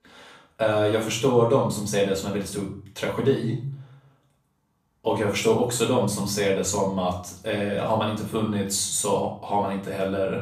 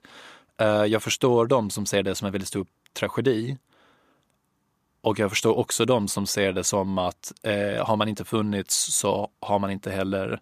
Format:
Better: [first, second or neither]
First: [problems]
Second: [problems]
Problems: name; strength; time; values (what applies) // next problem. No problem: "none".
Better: second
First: off-mic speech; far // room echo; slight; dies away in 0.5 s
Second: none